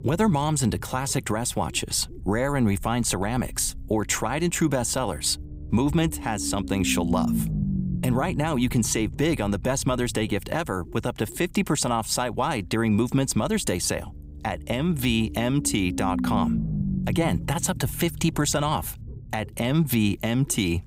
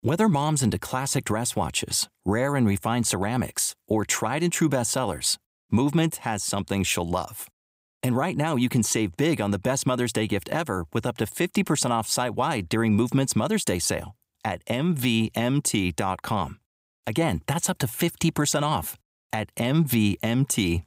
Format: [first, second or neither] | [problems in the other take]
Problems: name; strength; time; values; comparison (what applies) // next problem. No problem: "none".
second | low rumble; noticeable; throughout; 10 dB below the speech